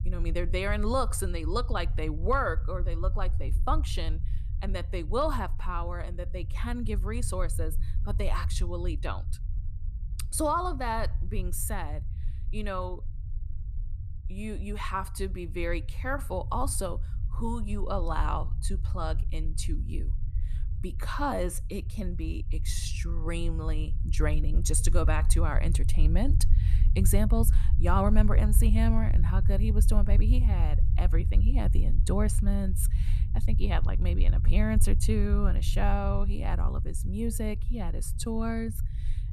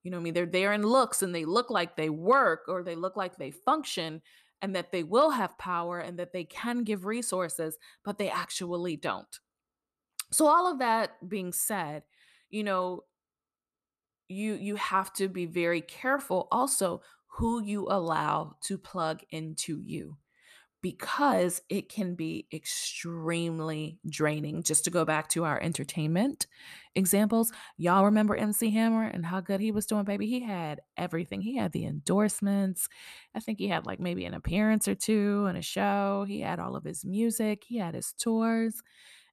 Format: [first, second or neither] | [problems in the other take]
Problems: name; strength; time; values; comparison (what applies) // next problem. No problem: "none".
second | low rumble; noticeable; throughout; 15 dB below the speech